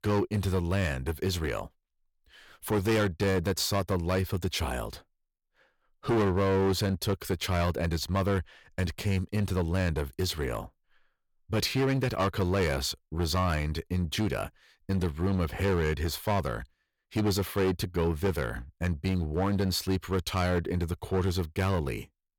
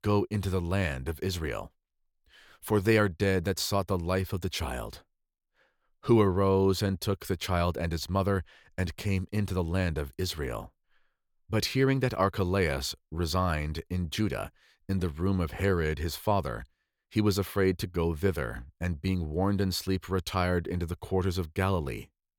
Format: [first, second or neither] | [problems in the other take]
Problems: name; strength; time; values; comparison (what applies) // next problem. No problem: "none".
second | distortion; slight; 10% of the sound clipped